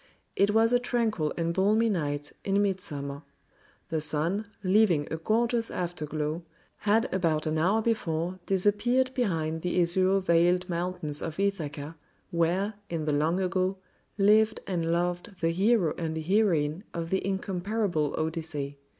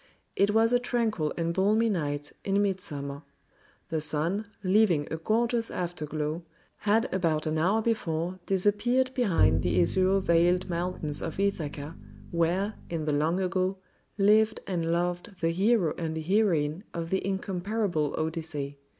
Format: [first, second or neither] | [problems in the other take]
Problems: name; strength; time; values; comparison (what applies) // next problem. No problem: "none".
first | background sound (Bowed string instrument); 5 dB below the speech